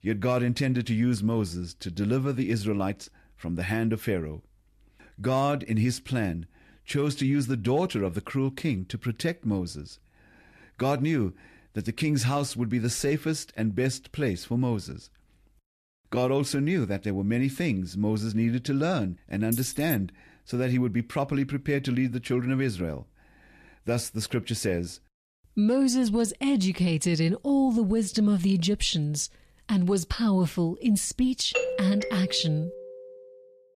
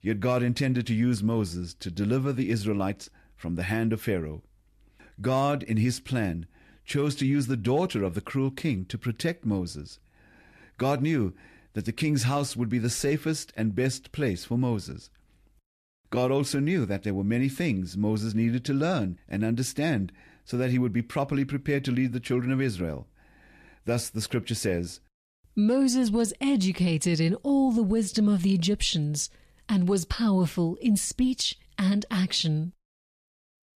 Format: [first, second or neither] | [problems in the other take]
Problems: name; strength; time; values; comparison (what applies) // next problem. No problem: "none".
second | jangling keys; noticeable; at 20 s; peak 8 dB below the speech // doorbell; noticeable; from 32 to 33 s; peak 1 dB below the speech